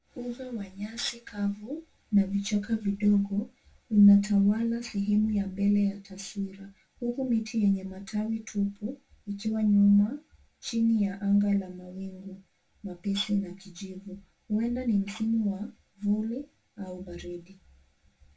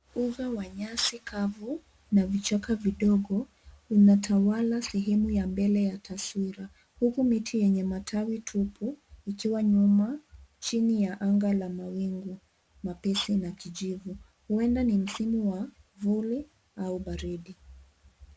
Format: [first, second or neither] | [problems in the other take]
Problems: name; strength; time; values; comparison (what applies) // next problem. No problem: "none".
second | room echo; dies away in 0.2 s